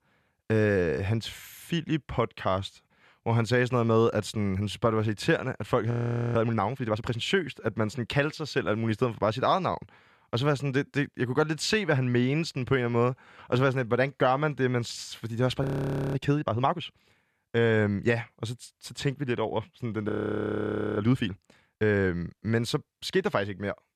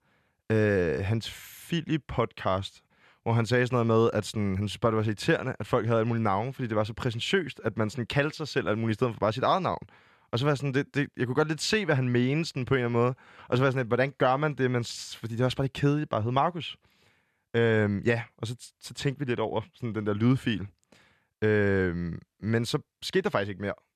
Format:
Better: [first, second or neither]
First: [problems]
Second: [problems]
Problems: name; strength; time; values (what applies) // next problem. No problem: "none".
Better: second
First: audio freezing; at 6 s, at 16 s for 0.5 s and at 20 s for 1 s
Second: none